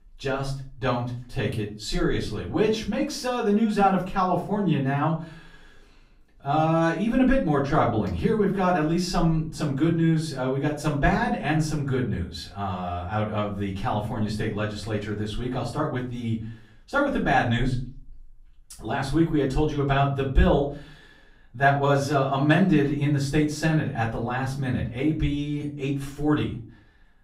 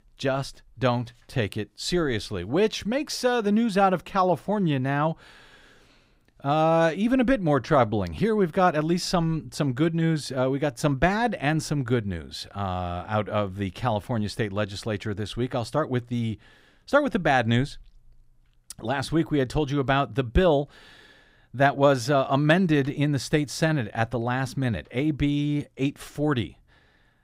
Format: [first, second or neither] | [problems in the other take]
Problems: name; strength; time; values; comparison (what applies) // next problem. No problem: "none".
second | off-mic speech; far // room echo; slight; dies away in 0.4 s